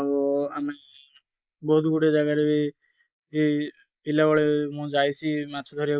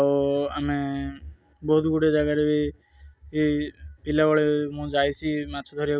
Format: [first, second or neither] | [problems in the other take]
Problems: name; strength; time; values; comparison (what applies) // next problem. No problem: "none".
second | noise reduction (neural mask model Resemble Enhance denoiser)